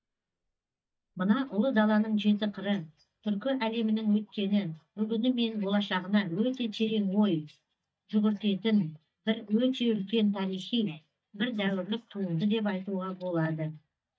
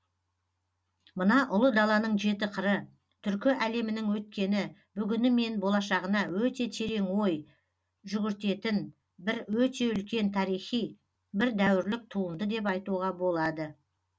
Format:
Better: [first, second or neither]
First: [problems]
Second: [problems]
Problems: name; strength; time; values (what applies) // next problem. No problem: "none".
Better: second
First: noise reduction (neural mask model DeepFilterNet 3)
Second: none